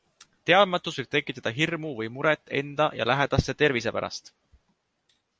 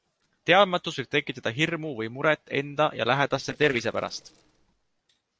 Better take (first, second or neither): first